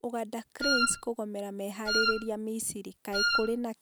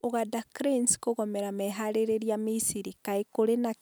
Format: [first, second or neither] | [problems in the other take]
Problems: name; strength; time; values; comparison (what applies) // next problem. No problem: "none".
second | background sound (Wind instrument, woodwind instrument); 3 dB above the speech